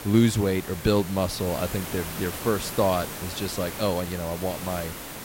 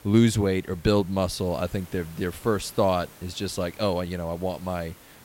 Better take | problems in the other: second | hiss; loud; throughout; 8 dB below the speech; faint in the second

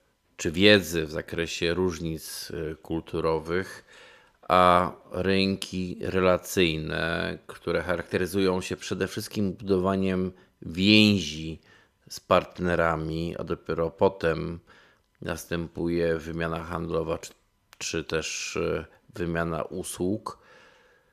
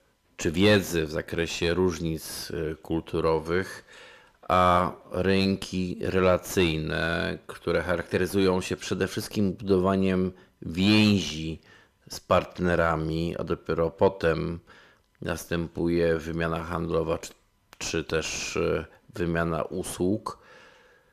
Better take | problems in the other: first | distortion; slight; 10 dB below the speech

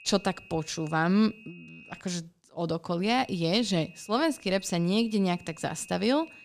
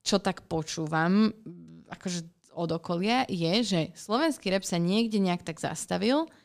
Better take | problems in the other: second | high-pitched whine; faint; until 2 s and from 3 s on; 2.5 kHz, 20 dB below the speech

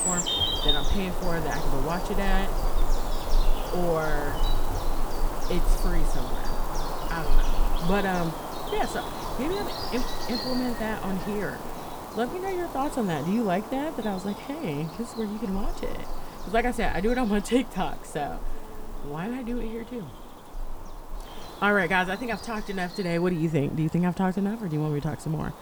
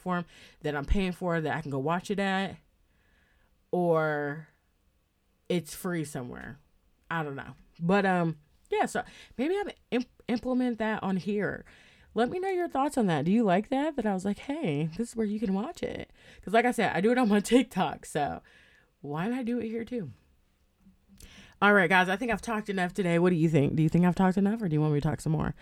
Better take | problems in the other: second | animal sounds; loud; throughout; 4 dB below the speech

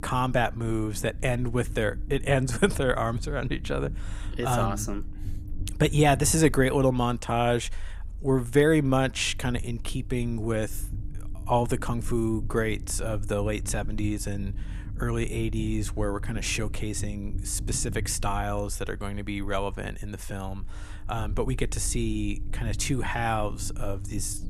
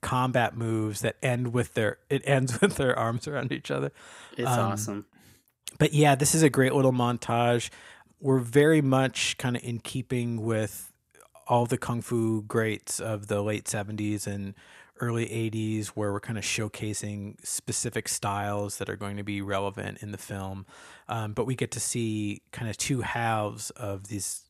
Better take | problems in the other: second | low rumble; faint; throughout; 20 dB below the speech

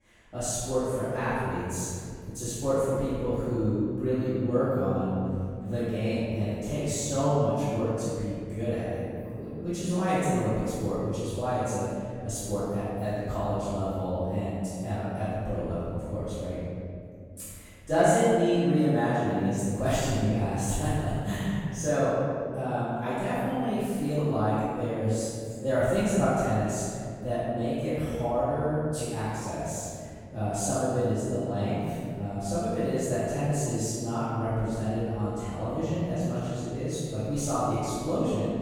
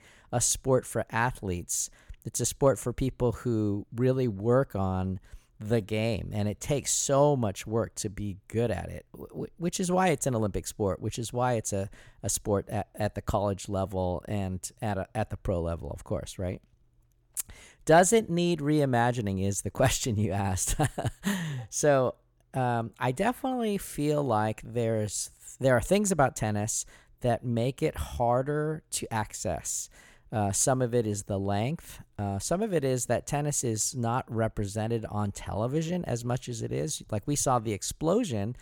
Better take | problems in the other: second | off-mic speech; far // room echo; strong; dies away in 2.5 s

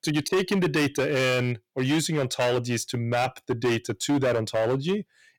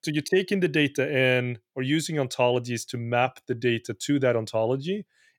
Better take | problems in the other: second | distortion; heavy; 14% of the sound clipped

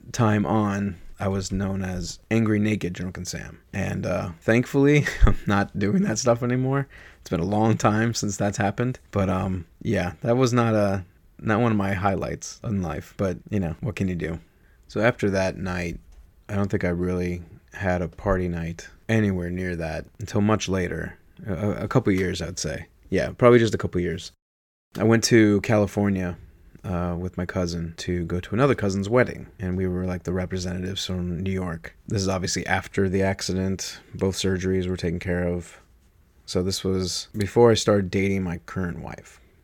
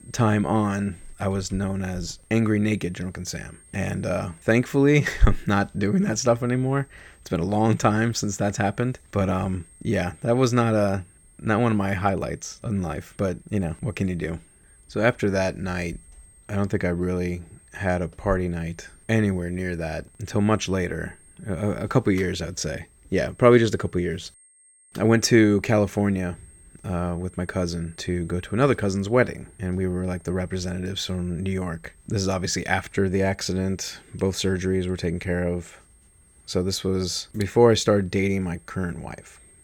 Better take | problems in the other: first | high-pitched whine; faint; throughout; 8.5 kHz, 30 dB below the speech

